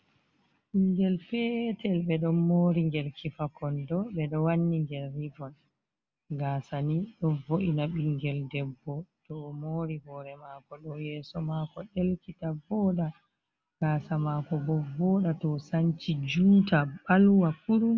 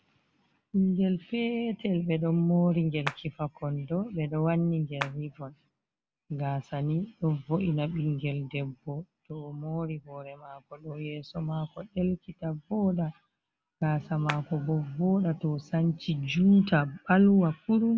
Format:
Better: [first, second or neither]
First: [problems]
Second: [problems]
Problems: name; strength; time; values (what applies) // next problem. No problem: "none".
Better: first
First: none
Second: background sound (Clapping); 7 dB below the speech